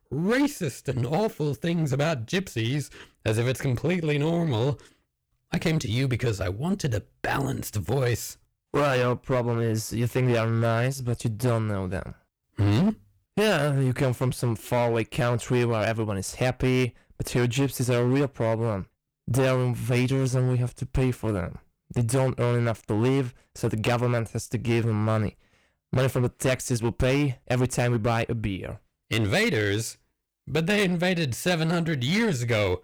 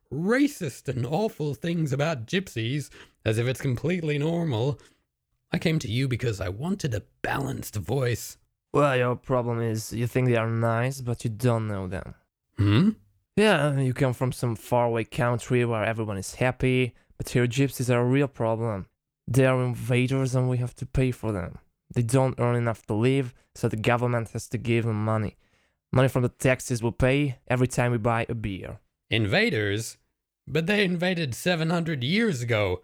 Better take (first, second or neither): second